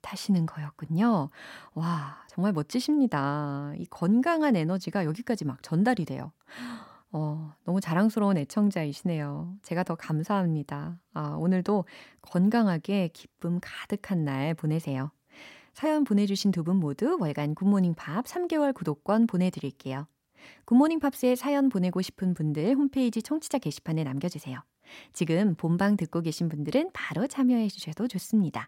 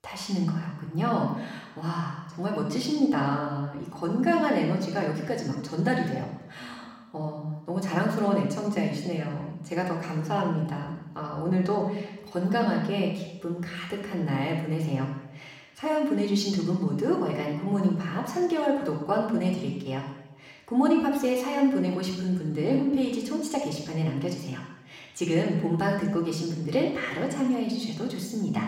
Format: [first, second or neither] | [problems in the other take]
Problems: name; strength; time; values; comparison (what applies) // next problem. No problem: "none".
first | room echo; noticeable; dies away in 0.9 s // off-mic speech; somewhat distant